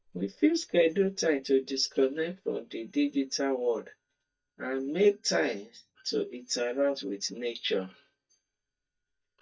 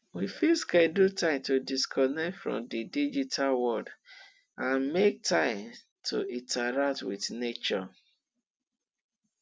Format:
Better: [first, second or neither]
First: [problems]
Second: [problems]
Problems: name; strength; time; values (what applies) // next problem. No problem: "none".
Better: second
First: noise reduction (neural mask model DeepFilterNet 3)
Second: none